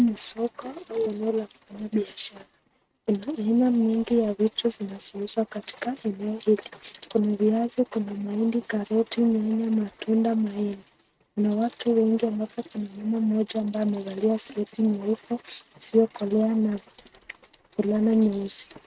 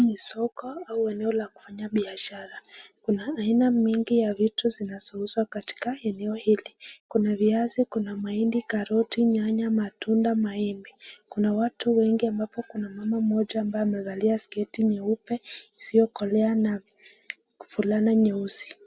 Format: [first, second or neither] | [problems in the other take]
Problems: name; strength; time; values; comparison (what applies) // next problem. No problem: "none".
second | noise reduction (neural mask model RNNoise)